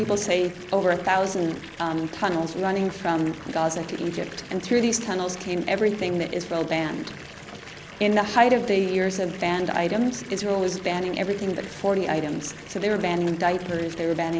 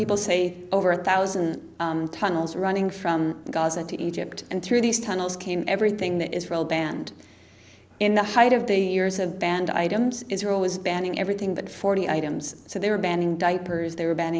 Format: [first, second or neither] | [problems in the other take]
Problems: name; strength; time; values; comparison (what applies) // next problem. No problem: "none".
second | background sound (Fill (with liquid) / Bathtub (filling or washing) / Water tap, faucet); 16 dB below the speech